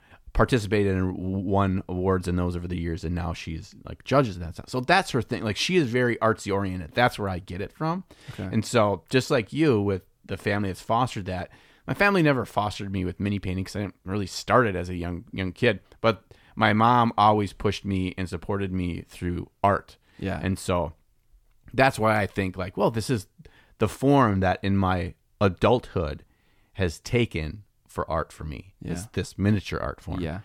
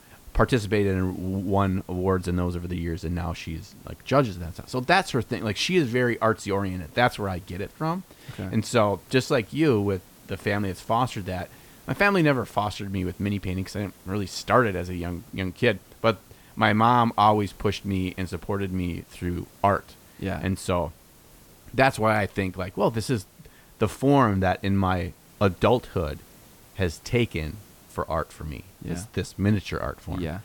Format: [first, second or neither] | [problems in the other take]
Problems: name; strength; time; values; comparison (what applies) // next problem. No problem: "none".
first | hiss; faint; throughout; 25 dB below the speech